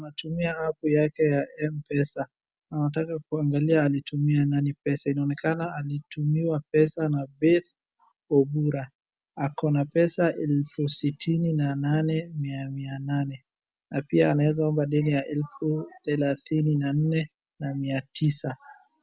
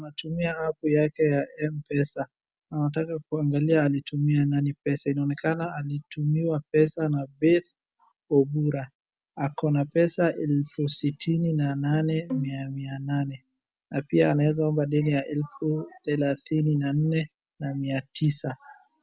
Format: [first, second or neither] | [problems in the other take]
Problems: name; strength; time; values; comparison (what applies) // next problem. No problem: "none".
first | background sound (Bowed string instrument); 11 dB below the speech